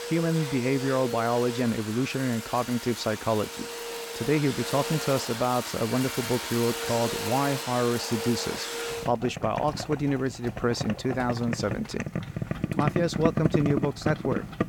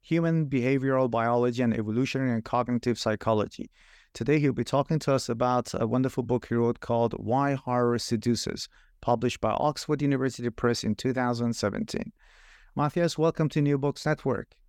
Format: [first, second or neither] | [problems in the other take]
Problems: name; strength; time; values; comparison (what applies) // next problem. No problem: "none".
second | household noises; loud; throughout; 5 dB below the speech